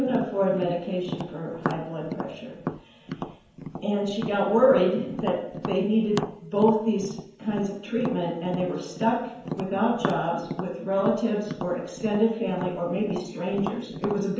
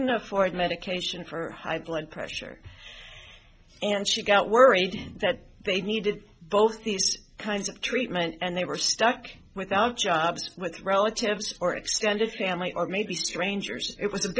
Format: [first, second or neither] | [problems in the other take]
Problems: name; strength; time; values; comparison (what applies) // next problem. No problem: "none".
second | background sound (Tap); 10 dB below the speech // room echo; dies away in 0.9 s